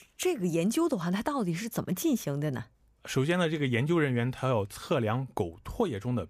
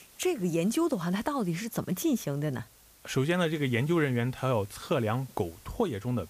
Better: first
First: none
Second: hiss; faint; throughout; 25 dB below the speech

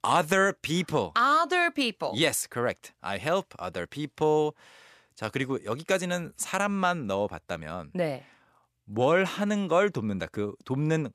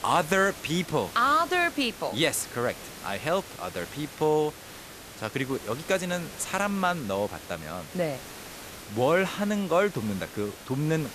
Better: first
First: none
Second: hiss; noticeable; throughout; 15 dB below the speech

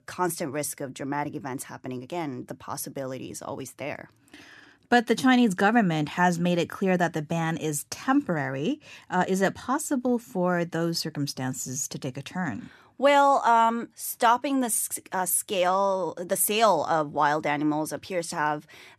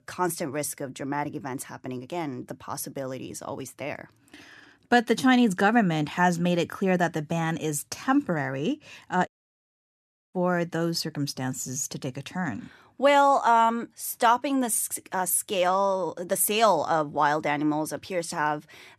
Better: first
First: none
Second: audio cutting out; at 9.5 s for 1 s

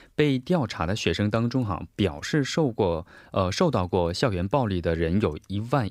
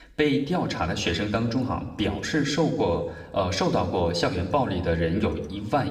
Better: first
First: none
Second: room echo; slight; dies away in 0.9 s // off-mic speech; somewhat distant

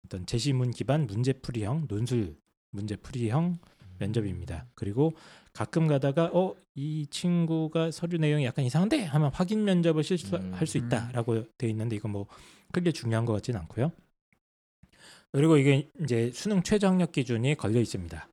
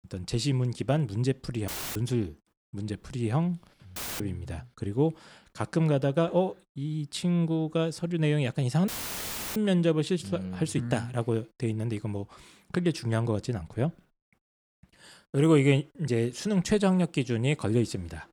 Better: first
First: none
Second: audio cutting out; filled with static; at 1.5 s, at 4 s and at 9 s for 0.5 s

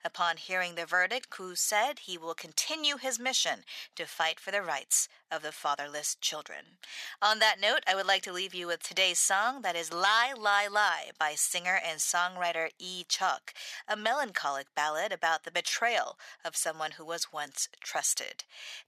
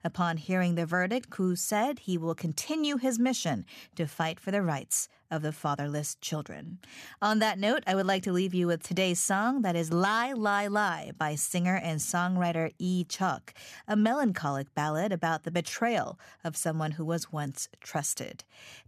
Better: second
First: thin; very; fading below 750 Hz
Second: none

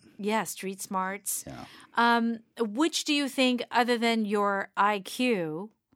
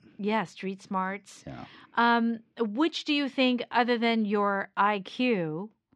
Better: first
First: none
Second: muffled; very slightly; fading above 4 kHz

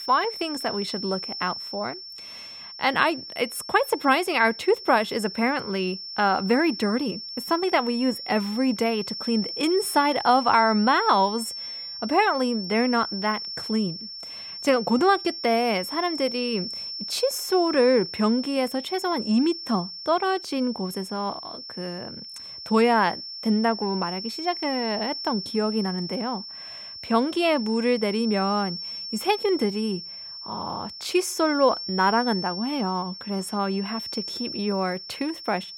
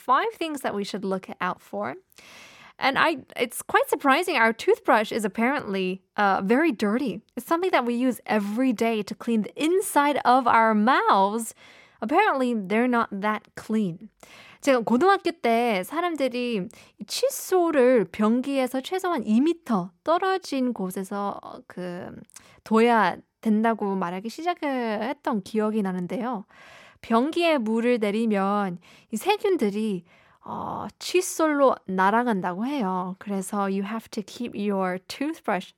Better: second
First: high-pitched whine; loud; throughout; 5.5 kHz, 9 dB below the speech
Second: none

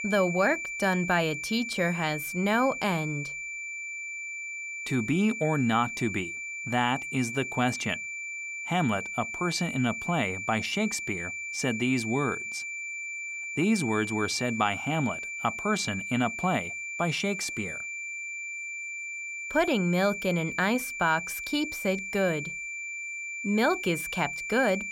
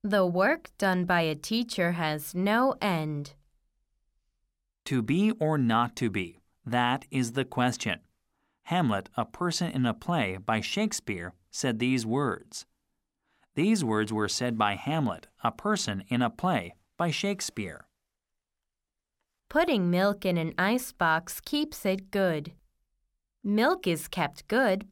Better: second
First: high-pitched whine; loud; throughout; 2.5 kHz, 5 dB below the speech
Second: none

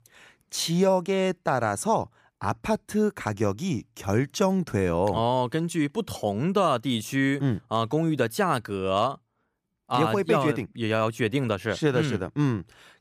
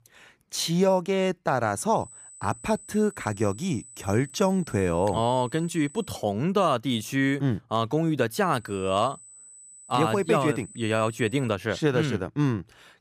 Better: first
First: none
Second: high-pitched whine; noticeable; from 2 to 6 s and from 8.5 to 11 s; 8 kHz, 20 dB below the speech

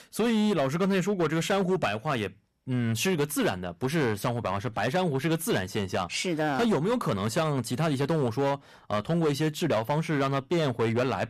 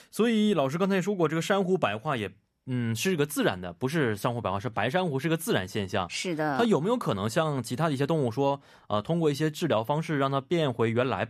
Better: second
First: distortion; slight; 12% of the sound clipped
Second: none

